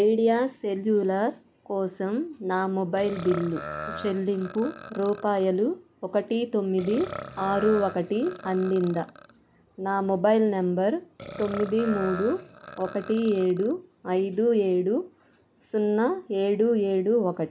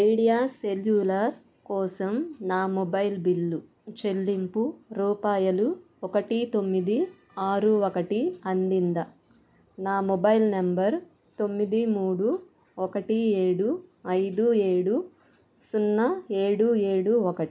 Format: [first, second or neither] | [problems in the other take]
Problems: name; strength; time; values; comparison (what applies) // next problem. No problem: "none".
second | background sound (Burping, eructation); 13 dB below the speech